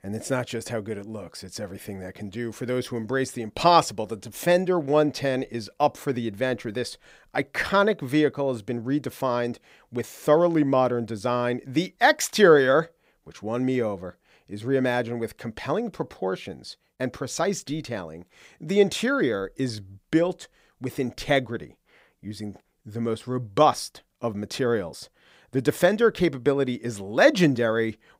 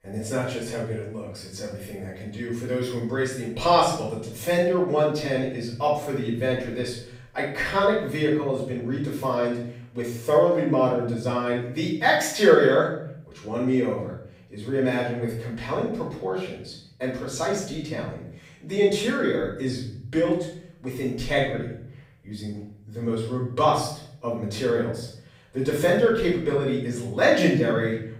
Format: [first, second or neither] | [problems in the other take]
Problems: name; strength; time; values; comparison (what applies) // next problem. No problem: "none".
first | off-mic speech; far // room echo; noticeable; dies away in 0.6 s